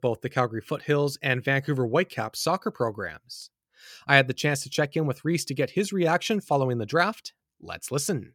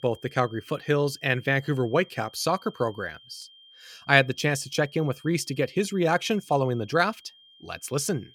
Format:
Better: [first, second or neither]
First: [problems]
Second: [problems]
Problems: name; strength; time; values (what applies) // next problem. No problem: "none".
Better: first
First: none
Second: high-pitched whine; faint; throughout; 3 kHz, 25 dB below the speech